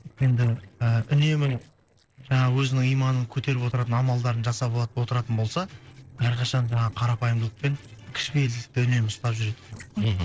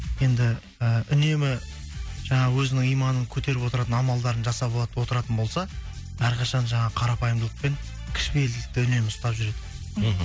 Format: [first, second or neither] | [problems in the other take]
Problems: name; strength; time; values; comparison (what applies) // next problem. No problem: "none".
second | noise reduction (neural separator model SepFormer DNS4)